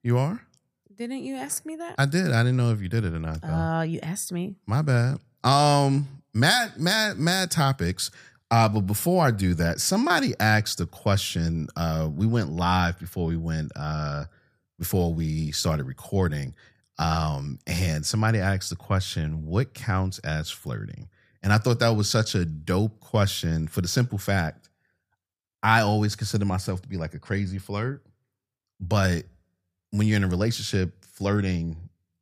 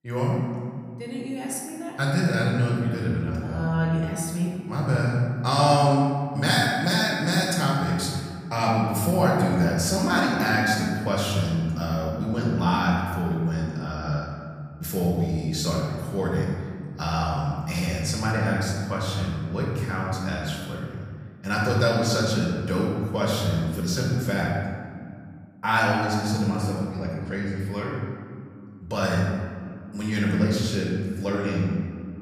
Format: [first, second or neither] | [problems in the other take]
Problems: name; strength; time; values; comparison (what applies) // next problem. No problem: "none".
first | room echo; noticeable; dies away in 1.7 s // off-mic speech; far